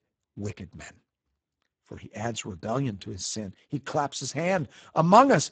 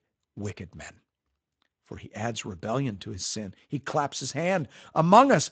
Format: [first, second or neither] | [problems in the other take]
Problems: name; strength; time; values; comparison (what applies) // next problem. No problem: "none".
second | garbled, watery; badly; nothing above 7.5 kHz; slightly in the second